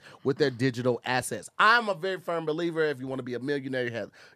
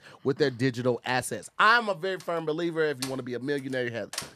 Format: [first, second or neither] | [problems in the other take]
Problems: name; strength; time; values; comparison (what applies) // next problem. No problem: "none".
first | door banging; noticeable; from 2 s on; peak 9 dB below the speech